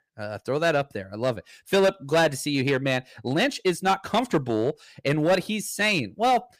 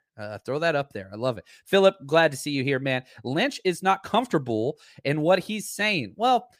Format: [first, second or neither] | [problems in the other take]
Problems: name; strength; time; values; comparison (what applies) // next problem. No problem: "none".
second | distortion; slight; 6% of the sound clipped